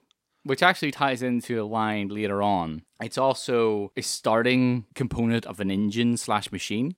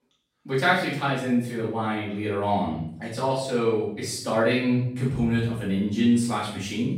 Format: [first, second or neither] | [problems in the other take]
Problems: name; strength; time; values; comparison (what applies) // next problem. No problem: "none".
first | room echo; noticeable; dies away in 0.7 s // off-mic speech; far